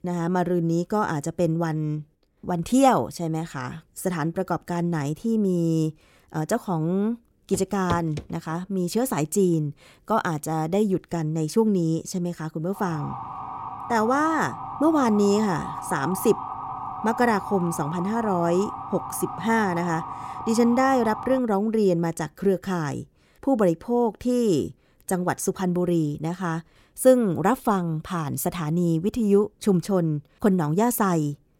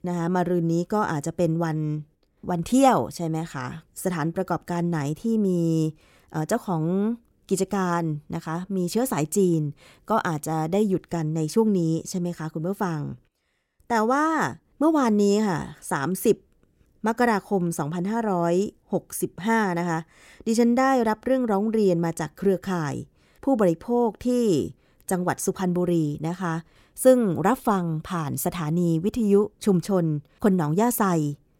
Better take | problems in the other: second | footsteps; noticeable; at 7.5 s; peak 9 dB below the speech // siren; noticeable; from 13 to 21 s; peak 8 dB below the speech

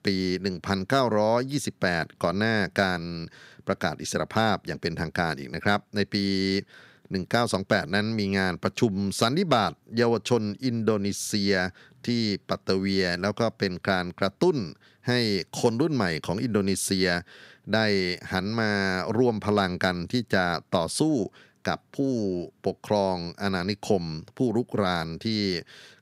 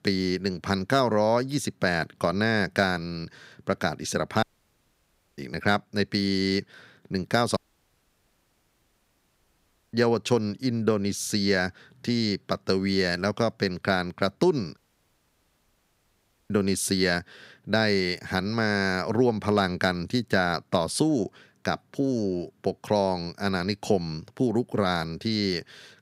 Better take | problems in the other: first | audio cutting out; at 4.5 s for 1 s, at 7.5 s for 2.5 s and at 15 s for 1.5 s

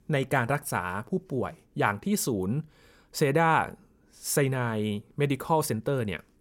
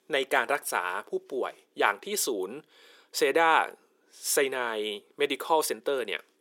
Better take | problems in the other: first | thin; very; fading below 350 Hz

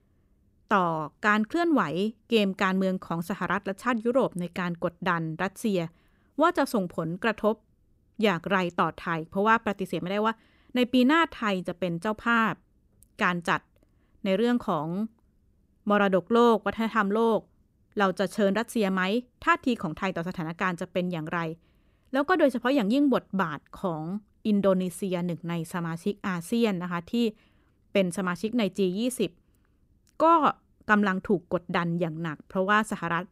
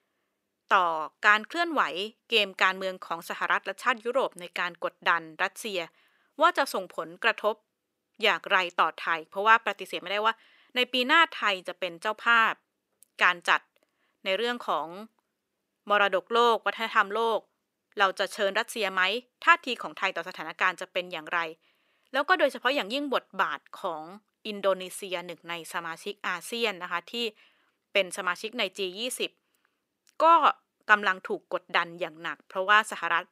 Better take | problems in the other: first | thin; very; fading below 550 Hz

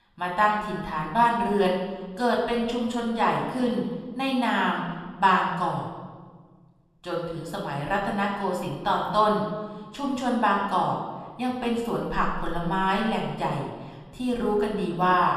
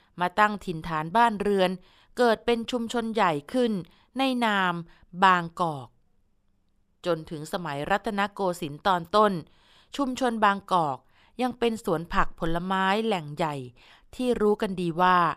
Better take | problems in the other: second | off-mic speech; far // room echo; noticeable; dies away in 1.2 s

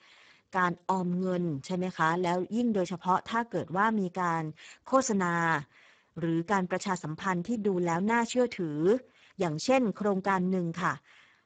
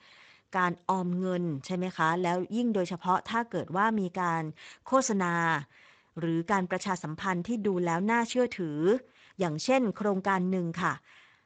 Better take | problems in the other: second | garbled, watery; badly; nothing above 7.5 kHz; slightly in the second

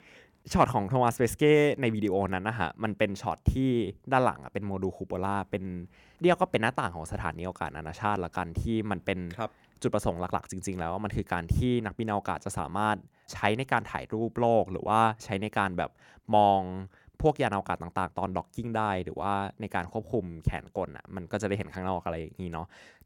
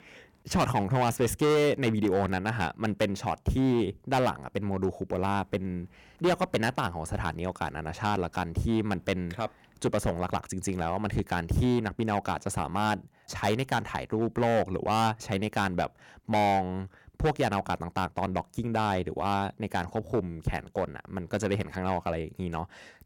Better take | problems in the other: first | distortion; heavy; 6% of the sound clipped

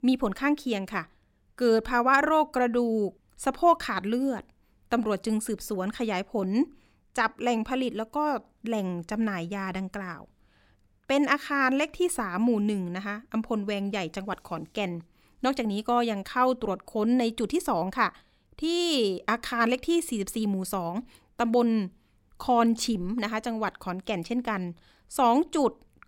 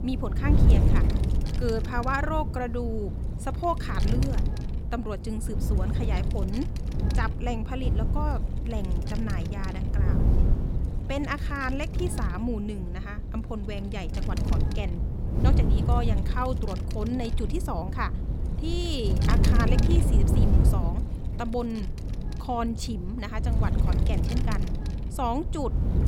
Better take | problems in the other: first | wind noise on the microphone; heavy; 6 dB below the speech

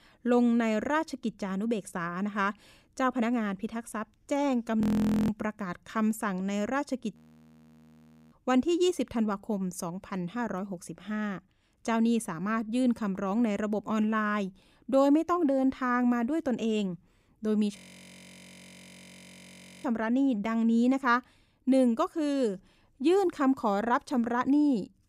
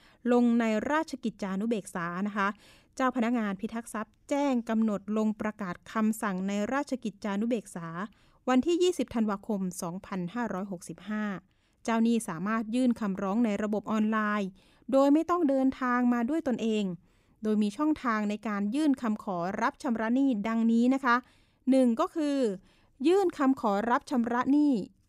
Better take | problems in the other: second | audio freezing; at 5 s, at 7 s for 1 s and at 18 s for 2 s

